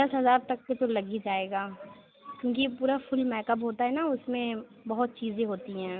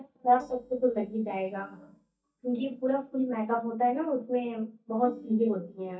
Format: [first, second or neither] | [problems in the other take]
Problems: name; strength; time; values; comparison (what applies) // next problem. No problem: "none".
first | noise reduction (neural mask model DeepFilterNet 3)